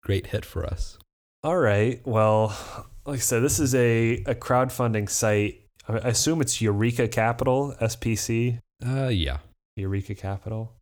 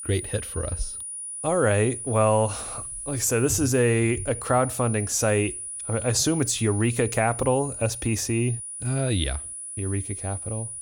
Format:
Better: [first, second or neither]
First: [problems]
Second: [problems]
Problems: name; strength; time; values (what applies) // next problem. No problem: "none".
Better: first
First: none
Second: high-pitched whine; loud; throughout; 9.5 kHz, 8 dB below the speech